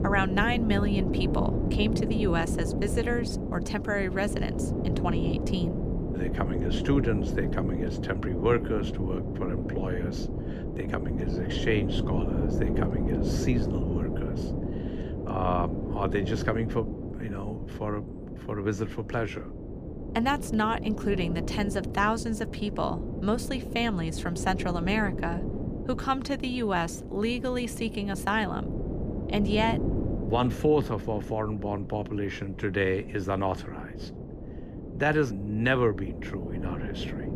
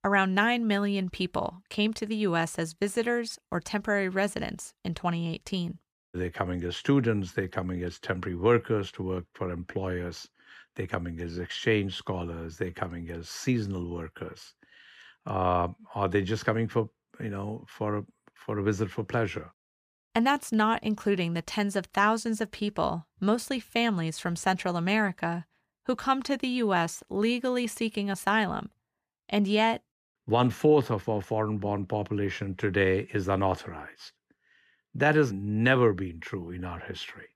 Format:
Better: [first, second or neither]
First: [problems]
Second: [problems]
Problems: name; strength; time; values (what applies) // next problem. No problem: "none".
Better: second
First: wind noise on the microphone; heavy; 7 dB below the speech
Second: none